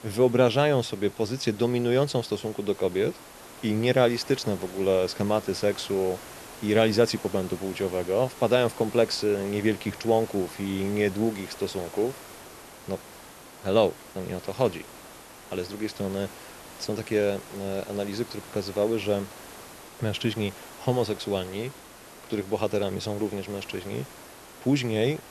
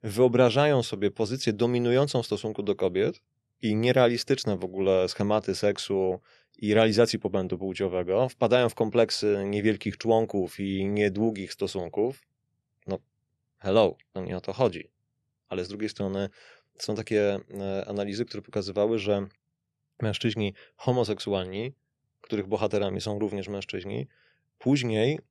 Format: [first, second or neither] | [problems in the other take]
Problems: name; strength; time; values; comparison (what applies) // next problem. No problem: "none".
second | hiss; noticeable; throughout; 15 dB below the speech